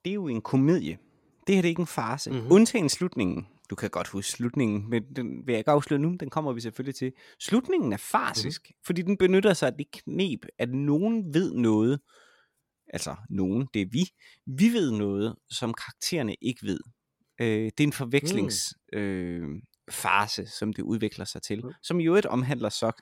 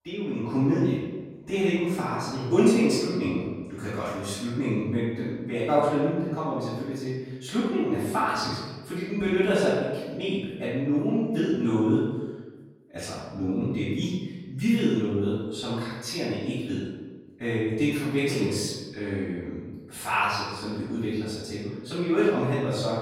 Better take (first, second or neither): first